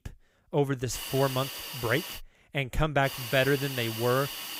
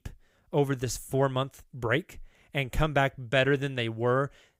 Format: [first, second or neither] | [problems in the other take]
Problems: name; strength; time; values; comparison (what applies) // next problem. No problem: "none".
second | hiss; loud; from 1 to 2 s and from 3 s on; 8 dB below the speech